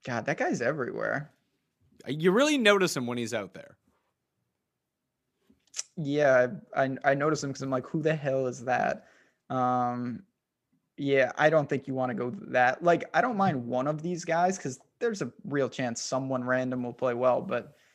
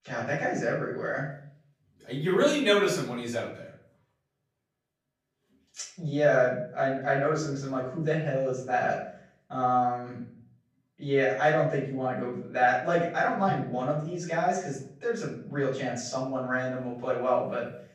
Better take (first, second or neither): first